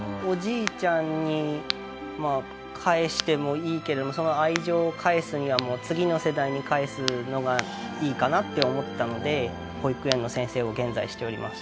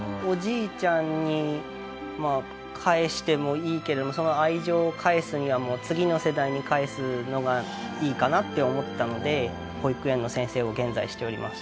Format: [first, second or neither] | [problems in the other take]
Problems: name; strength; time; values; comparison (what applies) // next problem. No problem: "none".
second | background sound (Crack); 12 dB below the speech